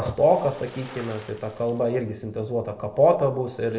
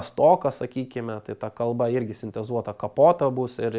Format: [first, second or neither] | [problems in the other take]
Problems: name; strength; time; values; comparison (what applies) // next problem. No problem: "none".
second | background sound (Splash, splatter); 19 dB below the speech // room echo; dies away in 0.6 s